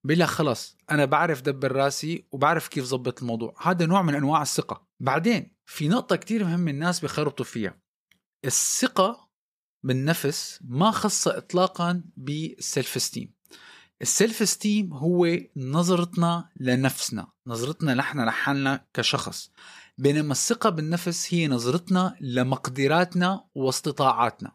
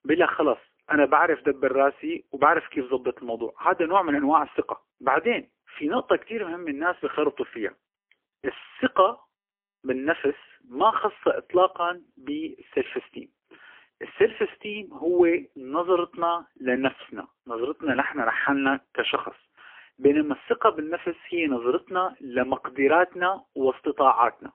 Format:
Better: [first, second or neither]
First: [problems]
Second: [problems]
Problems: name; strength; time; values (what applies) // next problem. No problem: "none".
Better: first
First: none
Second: phone-call audio; poor line; nothing above 3 kHz